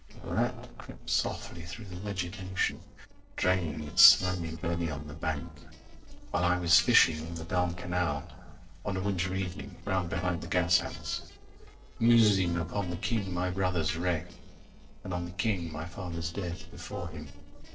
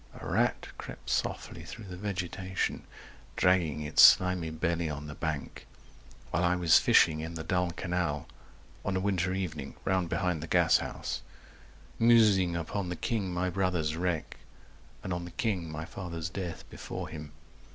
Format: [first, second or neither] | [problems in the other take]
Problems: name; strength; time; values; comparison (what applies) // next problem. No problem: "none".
second | noise reduction (neural separator model SepFormer DNS4)